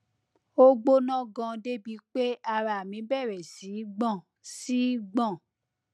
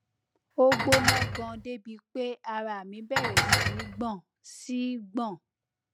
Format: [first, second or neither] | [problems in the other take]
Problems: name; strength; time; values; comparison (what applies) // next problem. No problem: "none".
first | background sound (Dishes, pots, and pans); 4 dB above the speech